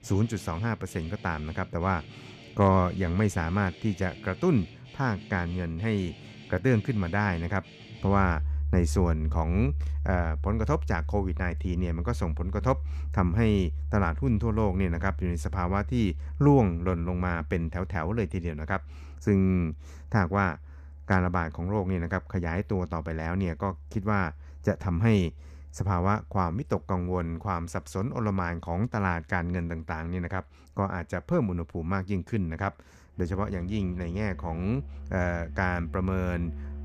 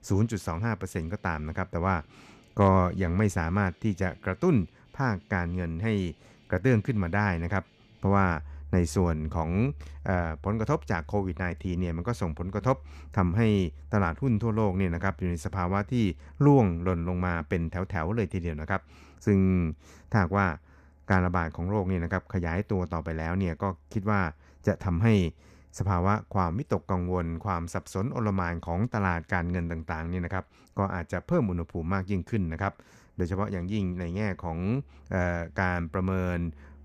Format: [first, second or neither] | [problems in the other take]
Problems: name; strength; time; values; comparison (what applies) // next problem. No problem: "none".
second | background music; loud; throughout; 9 dB below the speech; faint in the second